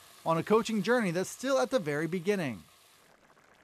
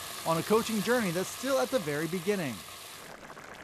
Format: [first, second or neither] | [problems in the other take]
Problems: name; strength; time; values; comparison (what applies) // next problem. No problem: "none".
first | household noises; loud; throughout; 9 dB below the speech; faint in the first